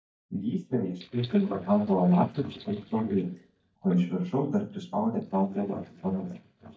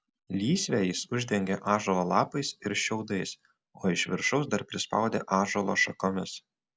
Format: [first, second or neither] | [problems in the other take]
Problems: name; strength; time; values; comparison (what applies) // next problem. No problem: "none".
second | noise reduction (neural mask model DeepFilterNet 3)